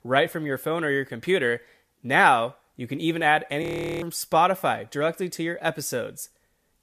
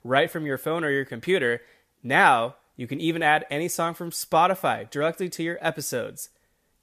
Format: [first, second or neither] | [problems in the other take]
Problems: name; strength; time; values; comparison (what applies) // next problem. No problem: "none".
second | audio freezing; at 3.5 s